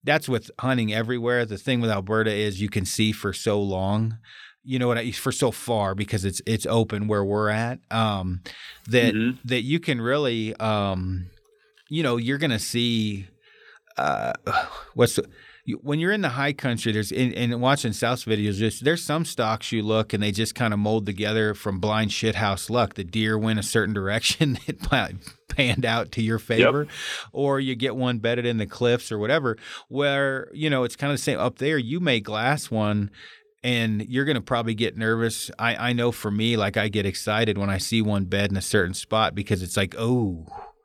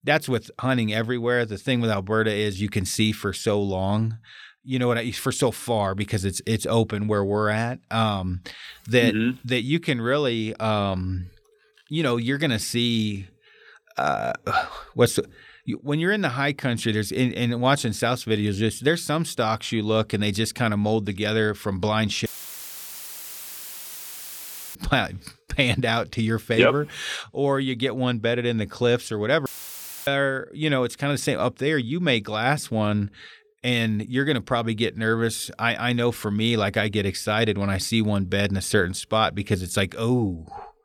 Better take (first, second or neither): first